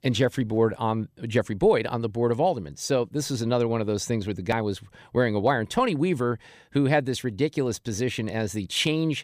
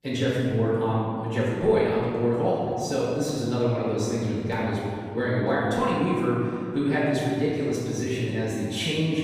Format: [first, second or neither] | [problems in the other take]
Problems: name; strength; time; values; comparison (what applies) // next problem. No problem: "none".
first | off-mic speech; far // room echo; strong; dies away in 2.2 s